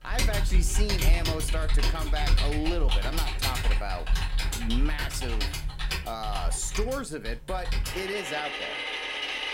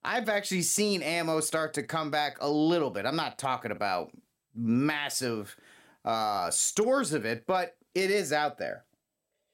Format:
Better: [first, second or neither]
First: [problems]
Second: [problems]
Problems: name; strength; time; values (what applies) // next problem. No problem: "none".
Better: second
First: household noises; very loud; throughout; 5 dB above the speech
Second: none